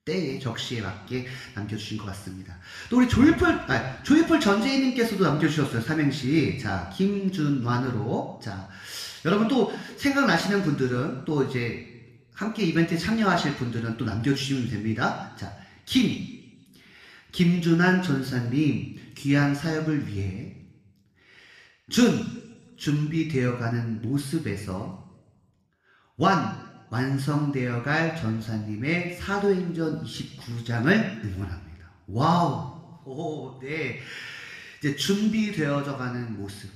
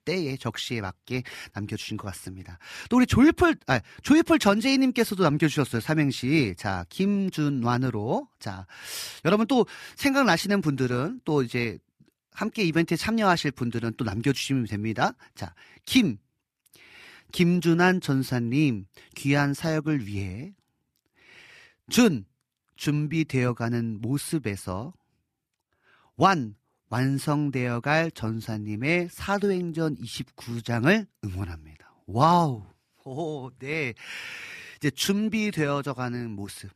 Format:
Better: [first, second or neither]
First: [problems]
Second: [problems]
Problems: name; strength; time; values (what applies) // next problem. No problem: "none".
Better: second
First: room echo; slight; dies away in 0.9 s // off-mic speech; somewhat distant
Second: none